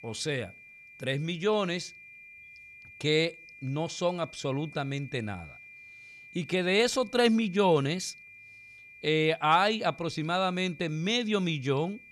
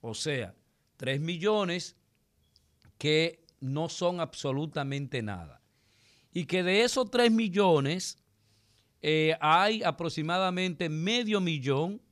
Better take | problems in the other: second | high-pitched whine; noticeable; throughout; 2.5 kHz, 20 dB below the speech

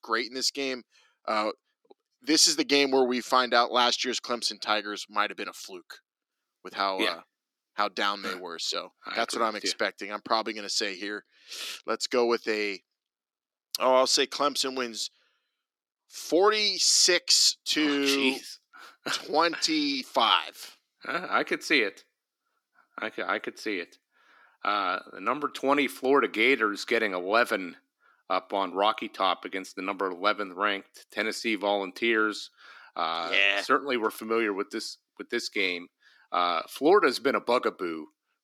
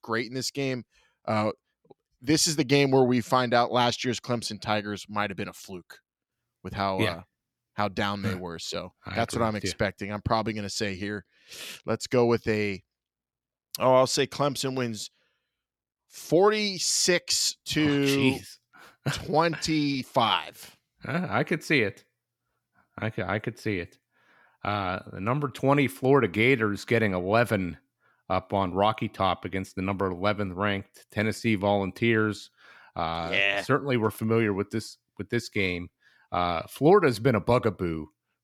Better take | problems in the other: second | thin; very slightly; fading below 300 Hz

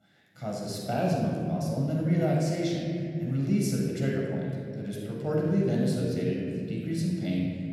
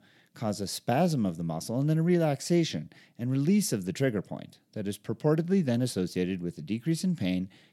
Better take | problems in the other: second | off-mic speech; far // room echo; strong; dies away in 2.8 s

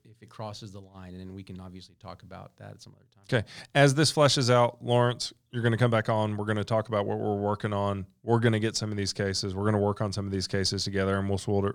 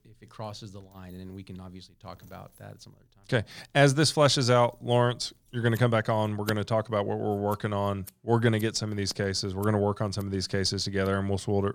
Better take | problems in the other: first | household noises; faint; throughout; 25 dB below the speech

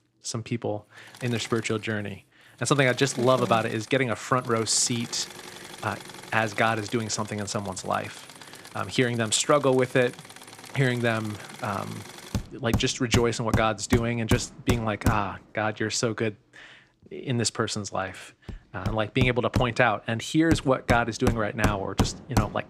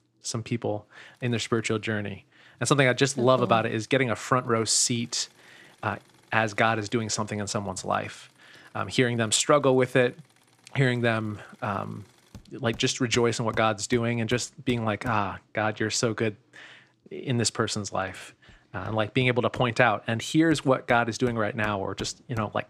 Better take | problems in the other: second | machinery noise; loud; throughout; 8 dB below the speech; faint in the second

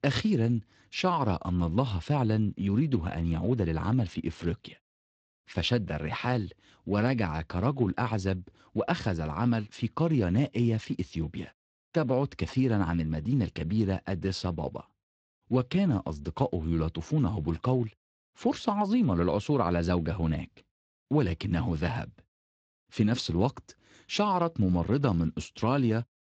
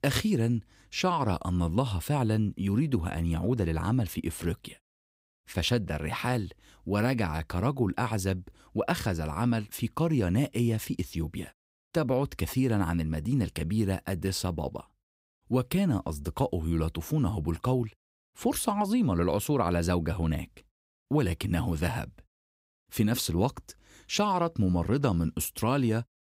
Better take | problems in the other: second | garbled, watery; slightly; nothing above 8 kHz

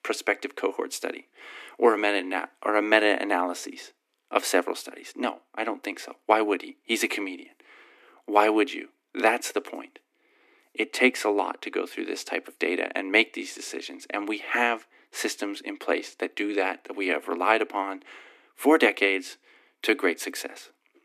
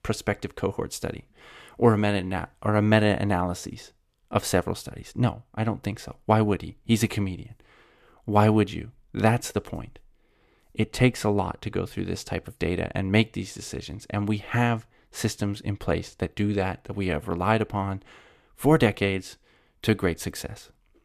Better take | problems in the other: second | thin; somewhat; fading below 250 Hz

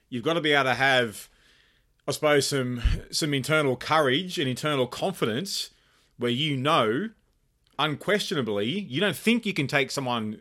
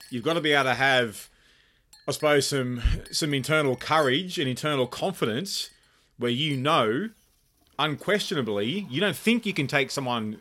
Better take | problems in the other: first | household noises; faint; throughout; 25 dB below the speech

